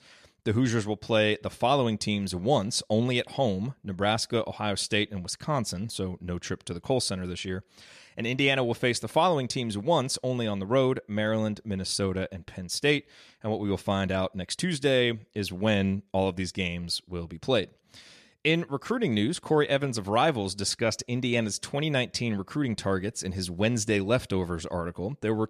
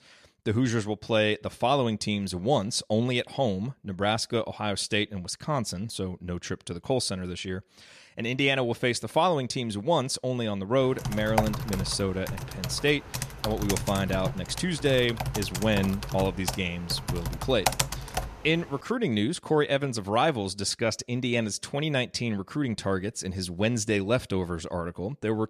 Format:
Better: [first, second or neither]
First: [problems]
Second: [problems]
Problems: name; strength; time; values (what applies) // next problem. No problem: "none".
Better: first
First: none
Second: keyboard typing; loud; from 11 to 18 s; peak 2 dB above the speech